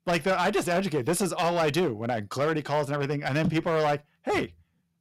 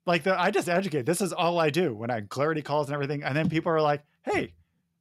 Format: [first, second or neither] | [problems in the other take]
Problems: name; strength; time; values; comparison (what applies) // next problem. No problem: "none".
second | distortion; slight; 9% of the sound clipped